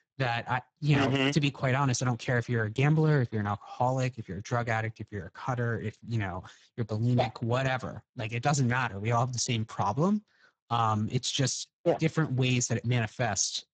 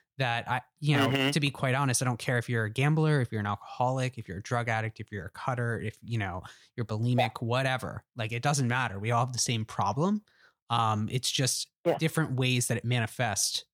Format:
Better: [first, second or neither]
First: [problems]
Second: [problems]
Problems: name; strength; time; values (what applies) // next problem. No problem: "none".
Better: second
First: garbled, watery; badly; nothing above 7.5 kHz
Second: none